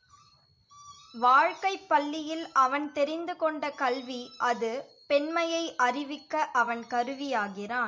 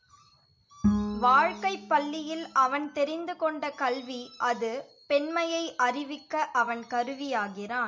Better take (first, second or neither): first